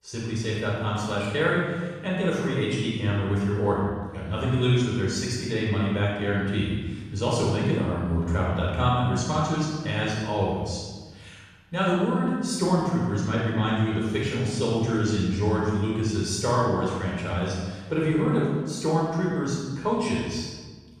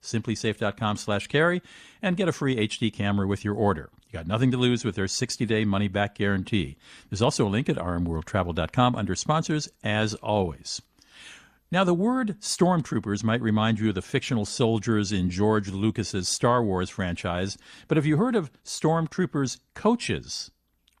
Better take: second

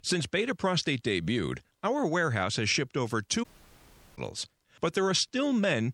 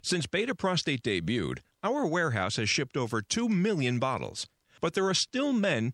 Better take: second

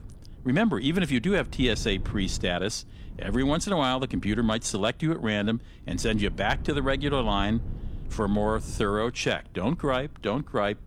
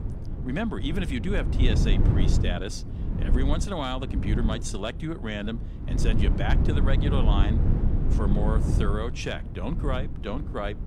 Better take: first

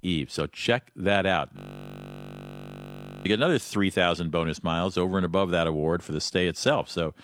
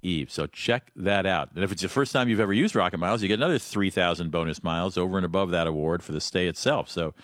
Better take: second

